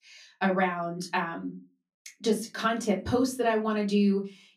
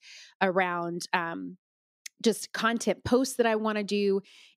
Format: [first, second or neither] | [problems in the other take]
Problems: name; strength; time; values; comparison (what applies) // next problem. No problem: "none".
second | off-mic speech; far // room echo; very slight; dies away in 0.2 s